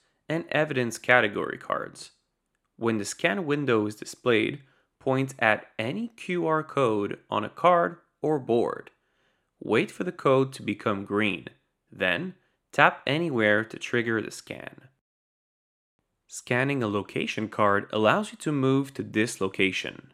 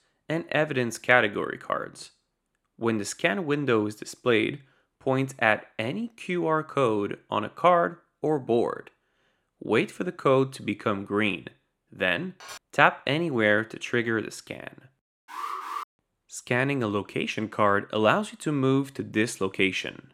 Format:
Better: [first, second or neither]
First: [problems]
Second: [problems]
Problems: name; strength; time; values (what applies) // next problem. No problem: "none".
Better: first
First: none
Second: clattering dishes; faint; at 12 s; peak 15 dB below the speech // alarm; noticeable; at 15 s; peak 7 dB below the speech